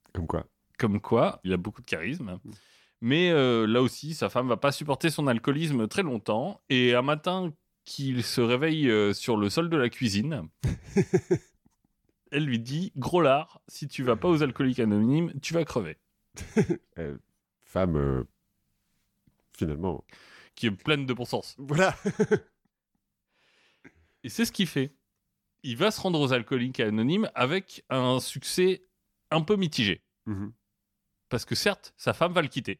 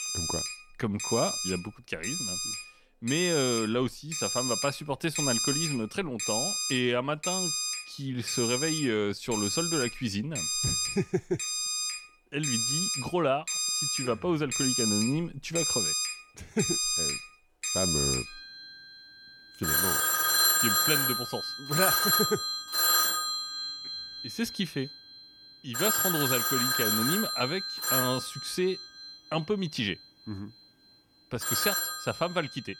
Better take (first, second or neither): first